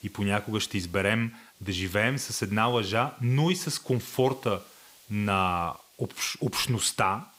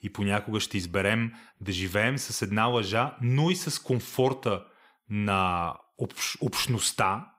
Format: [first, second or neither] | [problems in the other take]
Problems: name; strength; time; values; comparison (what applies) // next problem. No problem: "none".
second | hiss; faint; throughout; 25 dB below the speech